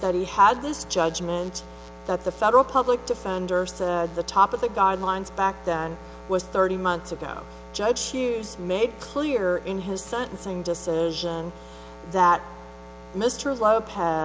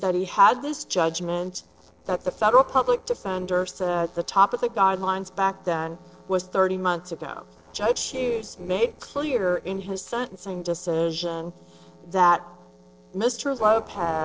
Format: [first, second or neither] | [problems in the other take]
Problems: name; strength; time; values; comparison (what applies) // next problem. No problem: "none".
first | noise reduction (neural separator model SepFormer DNS4)